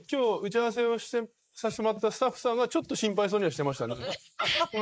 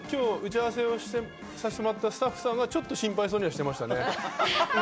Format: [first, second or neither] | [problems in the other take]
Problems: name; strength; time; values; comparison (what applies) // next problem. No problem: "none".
second | noise reduction (neural mask model Resemble Enhance denoiser)